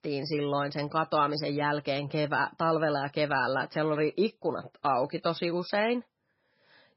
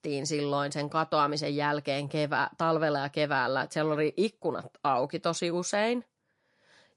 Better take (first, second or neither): second